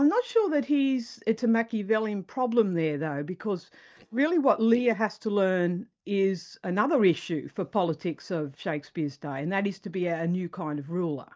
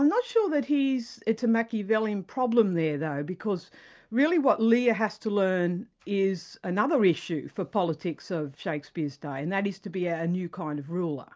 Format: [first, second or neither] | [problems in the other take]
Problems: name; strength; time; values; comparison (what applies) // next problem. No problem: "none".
second | noise reduction (neural mask model DeepFilterNet 3)